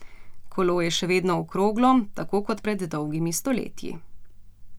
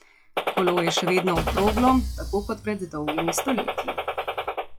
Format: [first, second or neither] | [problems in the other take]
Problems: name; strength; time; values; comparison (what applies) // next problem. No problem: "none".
first | noise reduction (classical method log-MMSE)